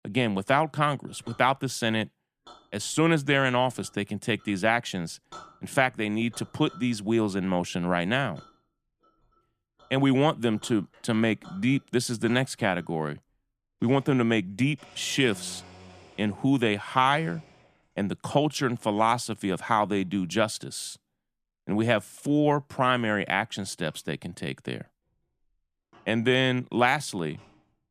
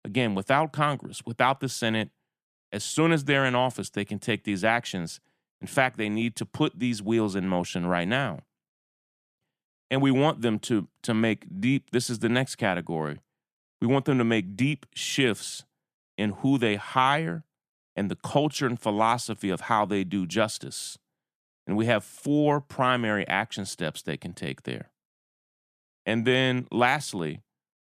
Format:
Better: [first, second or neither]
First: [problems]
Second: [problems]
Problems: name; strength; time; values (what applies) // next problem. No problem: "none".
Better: second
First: household noises; faint; throughout; 25 dB below the speech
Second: none